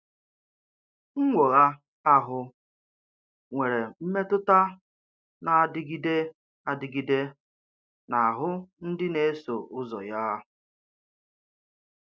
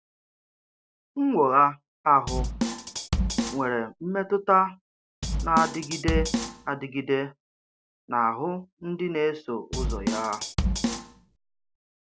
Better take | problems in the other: first | background sound (Drum kit); 2 dB below the speech

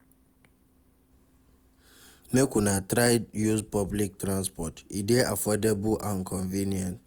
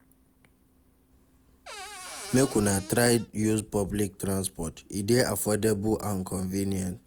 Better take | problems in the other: first | background sound (Cupboard open or close / Door); 14 dB below the speech

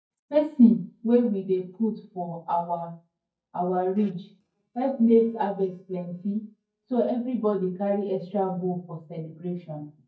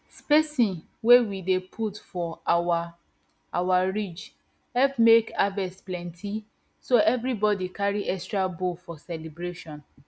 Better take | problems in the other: second | noise reduction (neural mask model DeepFilterNet 3)

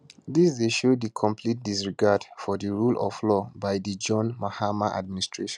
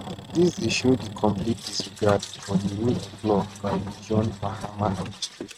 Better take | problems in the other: first | noise reduction (neural mask model RNNoise)

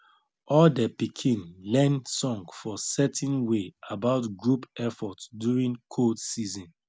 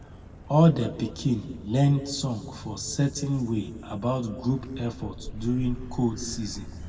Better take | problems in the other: first | background sound (Motor vehicle (road)); 14 dB below the speech // room echo; dies away in 1.6 s

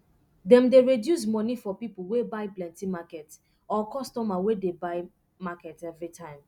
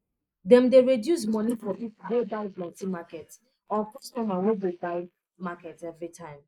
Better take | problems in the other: first | noise reduction (neural mask model Resemble Enhance denoiser)

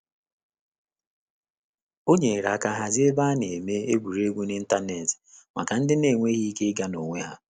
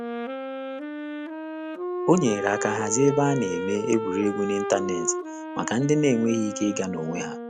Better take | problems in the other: first | background sound (Wind instrument, woodwind instrument); 6 dB below the speech

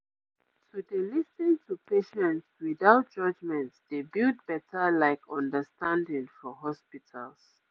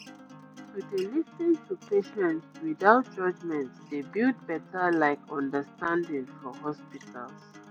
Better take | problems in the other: first | background sound (Acoustic guitar); 19 dB below the speech

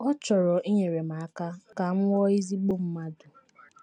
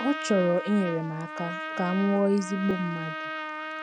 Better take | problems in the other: first | background sound (Trumpet); 8 dB below the speech

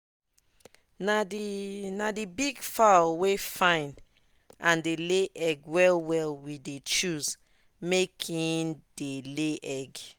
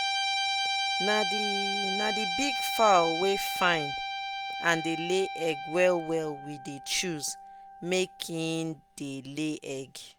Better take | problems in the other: first | background sound (Guitar); 3 dB below the speech

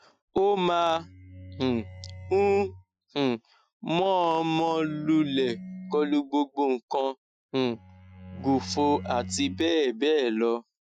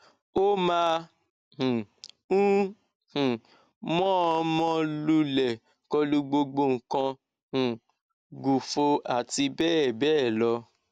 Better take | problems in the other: second | noise reduction (classical method Wiener filter)

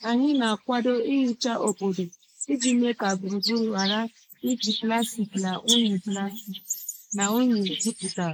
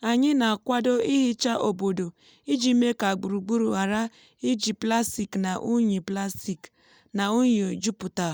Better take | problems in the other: second | noise reduction (neural mask model Resemble Enhance denoiser)

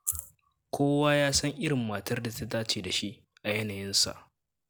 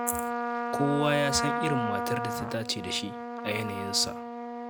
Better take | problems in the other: first | background sound (Trumpet); 1 dB below the speech

